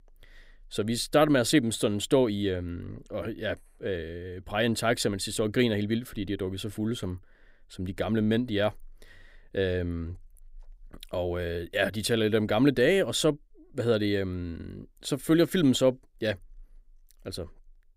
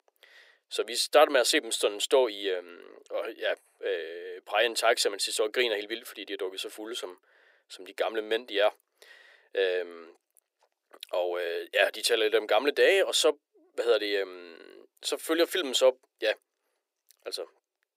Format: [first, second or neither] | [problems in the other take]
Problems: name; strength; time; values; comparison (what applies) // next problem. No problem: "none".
first | thin; very; fading below 400 Hz